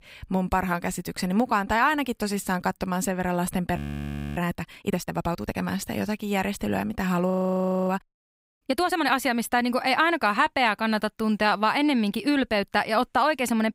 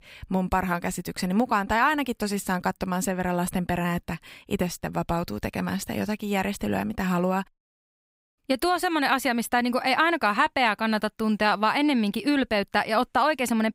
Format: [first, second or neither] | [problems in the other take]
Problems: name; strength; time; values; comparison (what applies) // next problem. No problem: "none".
second | audio freezing; at 4 s for 0.5 s and at 7.5 s for 0.5 s